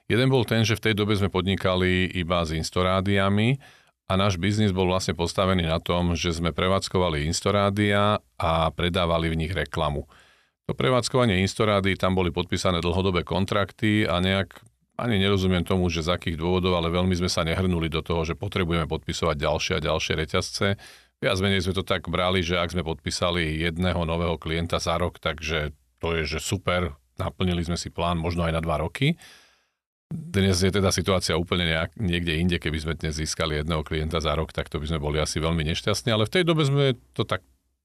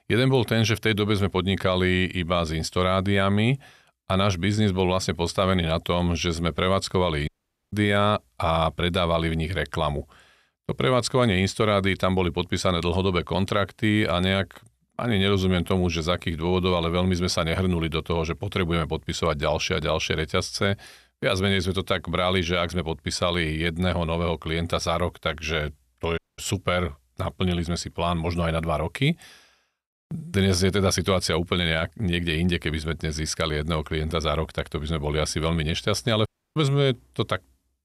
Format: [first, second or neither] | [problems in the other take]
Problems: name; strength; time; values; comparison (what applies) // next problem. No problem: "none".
first | audio cutting out; at 7.5 s, at 26 s and at 36 s